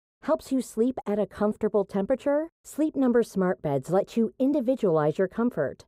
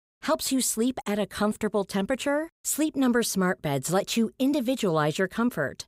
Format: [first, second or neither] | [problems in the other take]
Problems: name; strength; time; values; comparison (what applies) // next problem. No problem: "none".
second | muffled; very; fading above 1.5 kHz